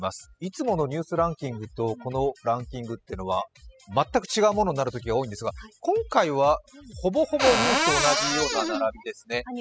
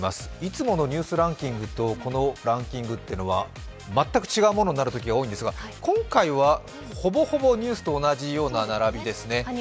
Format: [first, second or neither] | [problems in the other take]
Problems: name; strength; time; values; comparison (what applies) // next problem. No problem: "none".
second | noise reduction (classical method spectral subtraction)